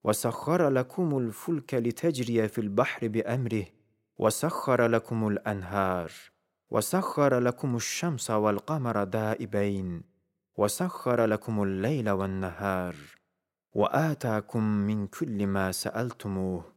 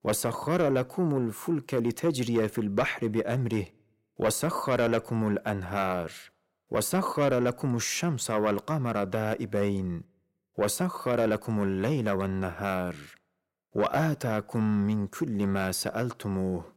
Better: first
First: none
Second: distortion; slight; 10 dB below the speech

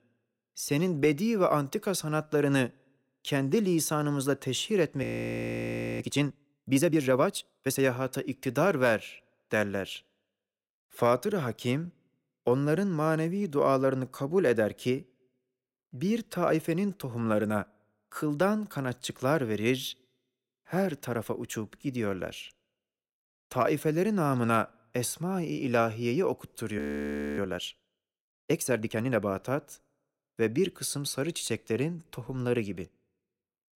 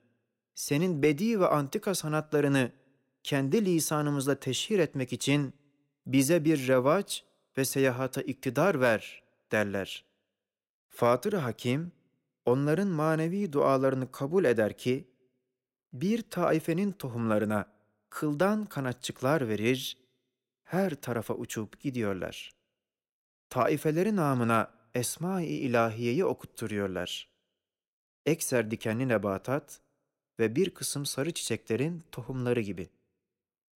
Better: second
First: audio freezing; at 5 s for 1 s and at 27 s for 0.5 s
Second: none

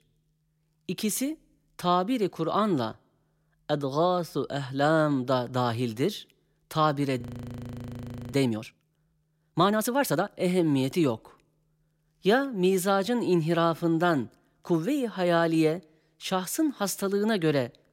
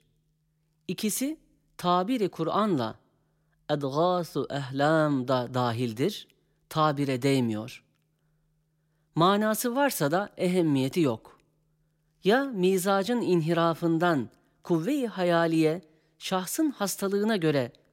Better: second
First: audio freezing; at 7 s for 1 s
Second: none

